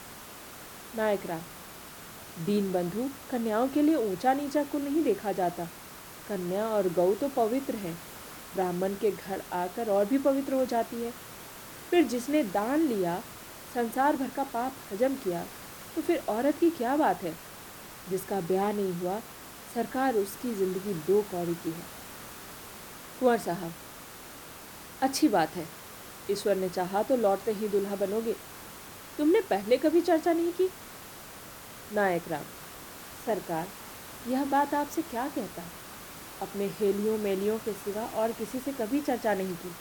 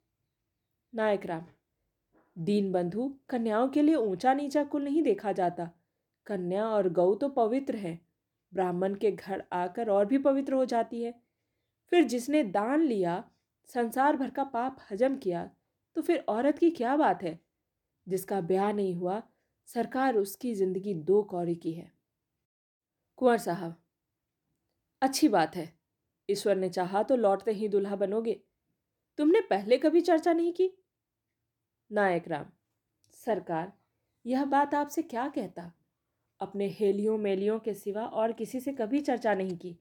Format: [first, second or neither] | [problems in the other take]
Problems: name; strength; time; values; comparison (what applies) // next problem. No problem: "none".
second | hiss; noticeable; throughout; 15 dB below the speech